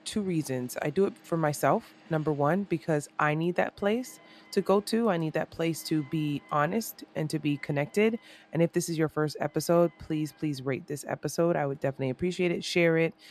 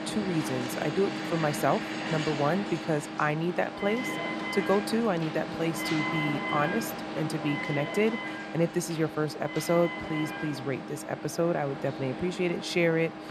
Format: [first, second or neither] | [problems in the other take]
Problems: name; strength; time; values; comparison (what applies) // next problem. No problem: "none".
first | alarms or sirens; loud; throughout; 5 dB below the speech; faint in the first